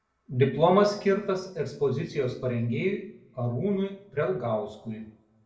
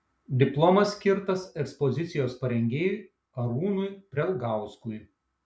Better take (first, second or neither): second